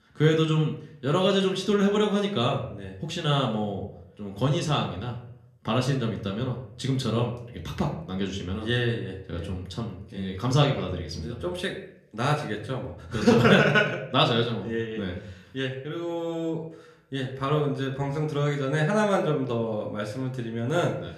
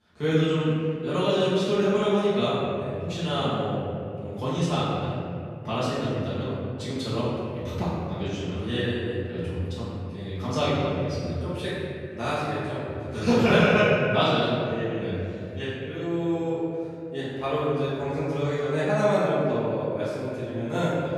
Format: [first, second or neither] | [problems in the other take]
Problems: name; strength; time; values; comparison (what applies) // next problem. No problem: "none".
first | room echo; strong; dies away in 2.5 s; slight in the first // off-mic speech; far; somewhat distant in the first